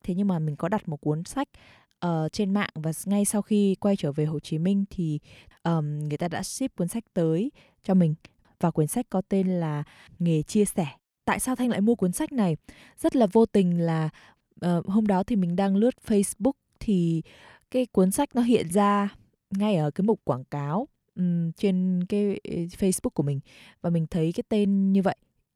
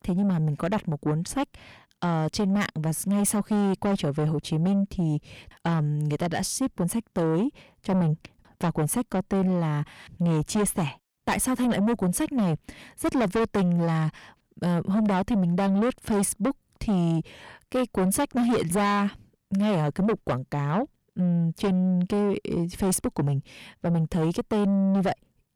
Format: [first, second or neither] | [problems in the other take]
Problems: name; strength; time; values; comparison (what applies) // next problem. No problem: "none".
first | distortion; heavy; 7 dB below the speech